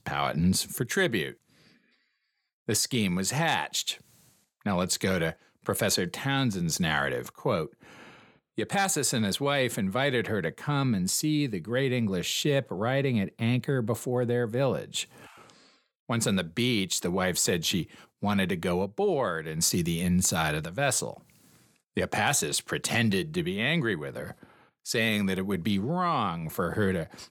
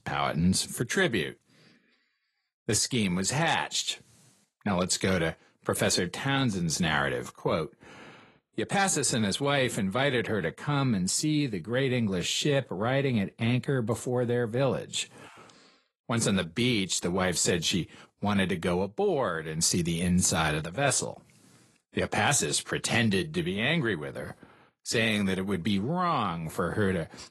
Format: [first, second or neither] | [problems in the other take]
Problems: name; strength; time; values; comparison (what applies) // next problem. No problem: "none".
first | garbled, watery; slightly; nothing above 11 kHz